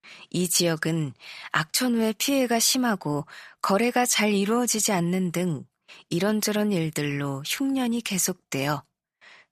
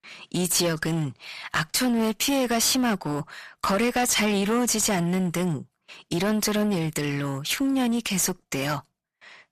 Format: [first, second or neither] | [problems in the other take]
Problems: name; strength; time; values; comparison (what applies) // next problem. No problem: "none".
first | distortion; slight; 13% of the sound clipped